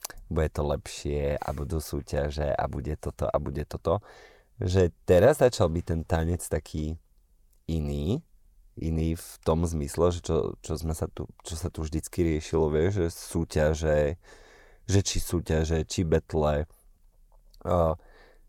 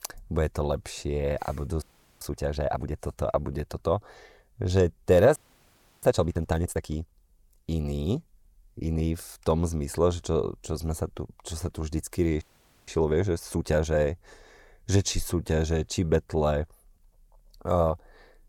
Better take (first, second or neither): first